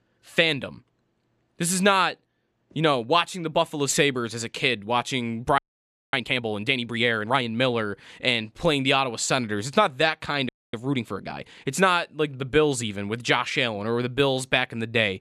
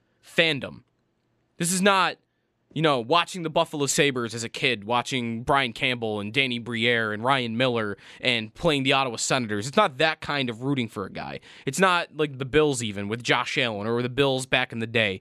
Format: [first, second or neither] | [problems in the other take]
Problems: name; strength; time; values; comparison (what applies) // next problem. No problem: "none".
second | audio freezing; at 5.5 s for 0.5 s and at 10 s